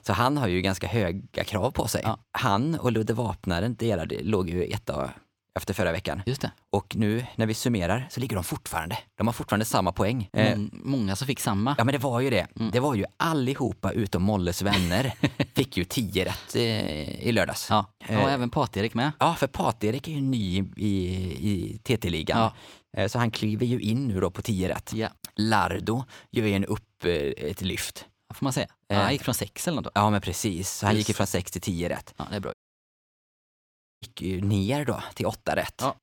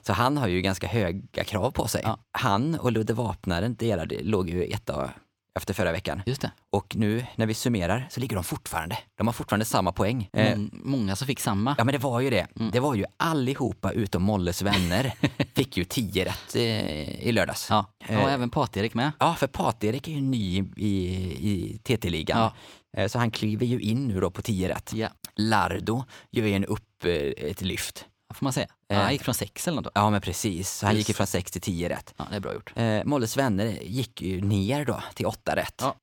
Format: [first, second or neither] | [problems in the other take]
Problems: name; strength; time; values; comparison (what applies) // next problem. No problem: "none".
second | audio cutting out; at 33 s for 1.5 s